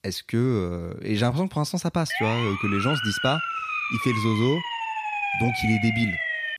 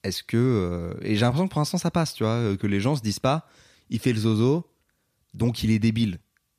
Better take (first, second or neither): second